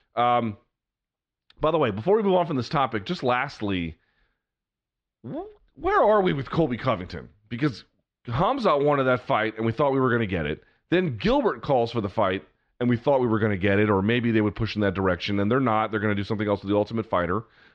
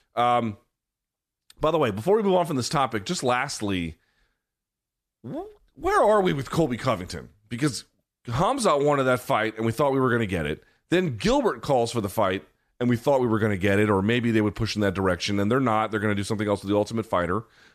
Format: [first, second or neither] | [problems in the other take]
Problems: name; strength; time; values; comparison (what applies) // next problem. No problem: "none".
second | muffled; slightly; fading above 4 kHz